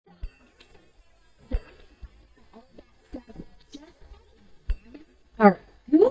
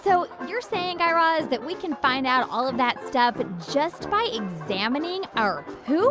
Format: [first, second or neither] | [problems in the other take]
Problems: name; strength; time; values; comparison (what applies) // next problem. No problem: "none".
second | noise reduction (neural mask model DeepFilterNet 3)